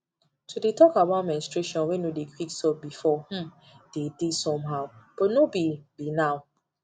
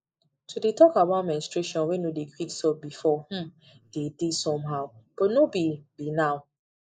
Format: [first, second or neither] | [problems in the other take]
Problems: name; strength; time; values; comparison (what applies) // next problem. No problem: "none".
first | noise reduction (neural mask model Resemble Enhance denoiser)